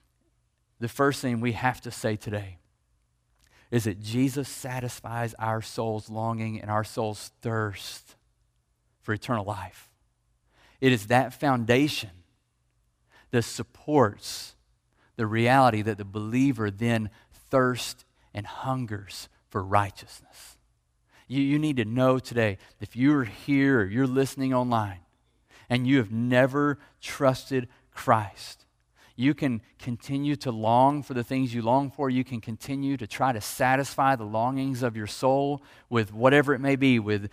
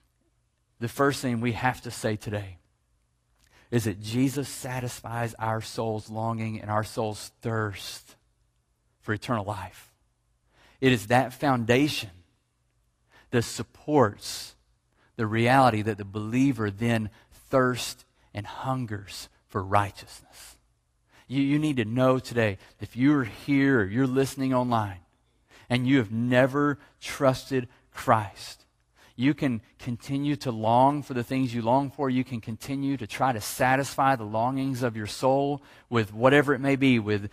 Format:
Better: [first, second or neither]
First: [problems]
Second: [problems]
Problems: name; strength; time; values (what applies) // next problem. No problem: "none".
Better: first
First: none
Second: garbled, watery; slightly; nothing above 15 kHz